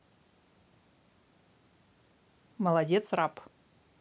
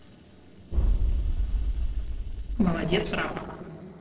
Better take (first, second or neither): first